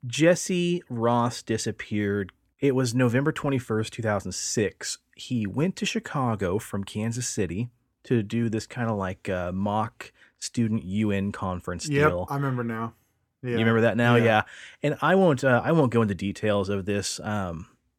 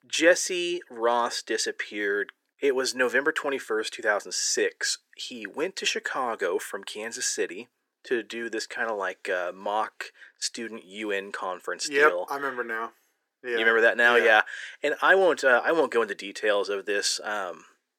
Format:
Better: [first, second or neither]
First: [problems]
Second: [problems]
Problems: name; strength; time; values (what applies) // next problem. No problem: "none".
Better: first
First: none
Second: thin; very; fading below 400 Hz